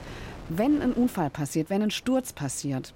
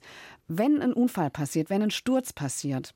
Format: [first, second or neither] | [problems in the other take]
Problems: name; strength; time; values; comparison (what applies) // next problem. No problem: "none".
second | wind noise on the microphone; occasional gusts; 20 dB below the speech